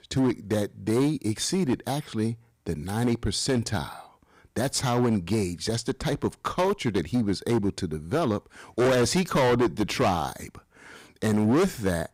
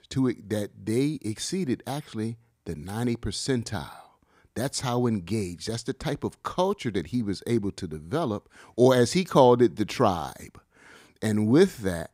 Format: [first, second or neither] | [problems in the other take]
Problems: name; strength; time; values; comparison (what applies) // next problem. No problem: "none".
second | distortion; heavy; 11% of the sound clipped